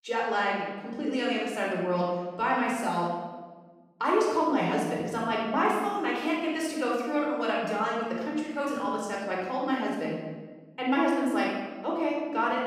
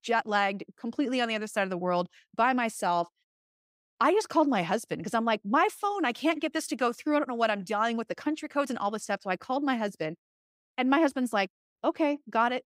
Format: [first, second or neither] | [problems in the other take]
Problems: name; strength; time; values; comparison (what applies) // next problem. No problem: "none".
second | room echo; noticeable; dies away in 1.3 s // off-mic speech; far